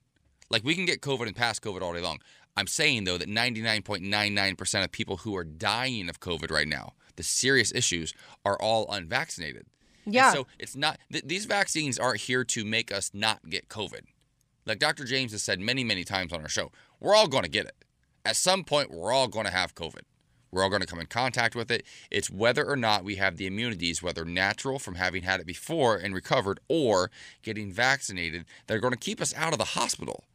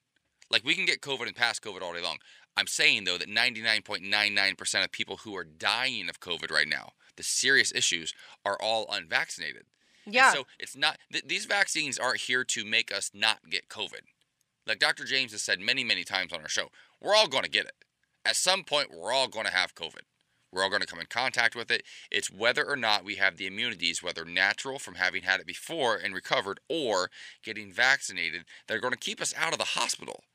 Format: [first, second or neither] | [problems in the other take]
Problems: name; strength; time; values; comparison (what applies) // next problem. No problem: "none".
first | thin; somewhat; fading below 450 Hz